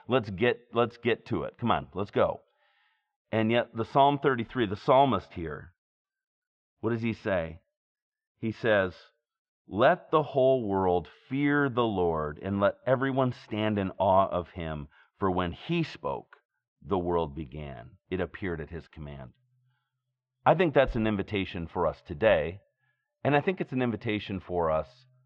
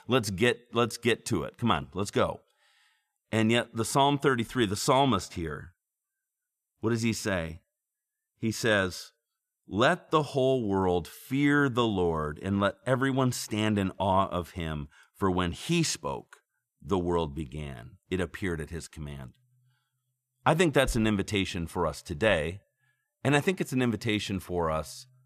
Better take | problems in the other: second | muffled; very; fading above 3.5 kHz

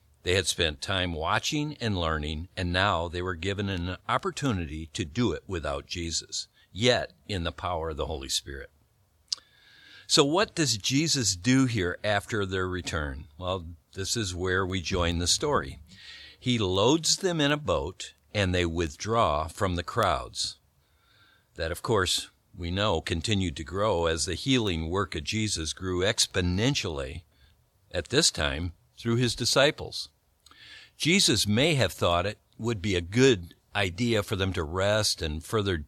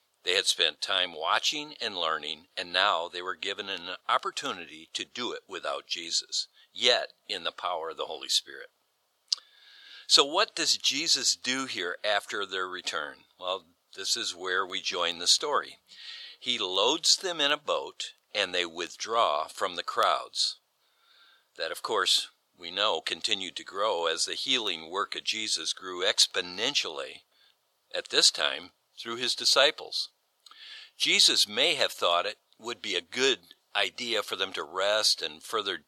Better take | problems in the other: first | thin; very; fading below 550 Hz

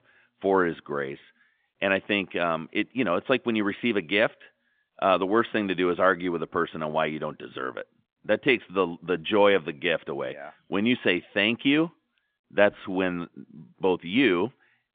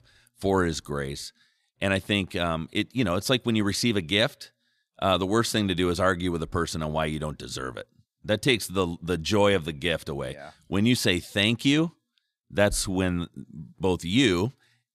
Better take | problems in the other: second | phone-call audio

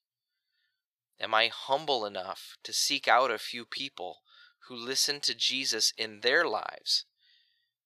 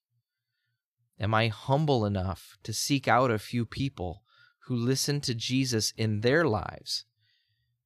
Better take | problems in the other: second | thin; very; fading below 600 Hz

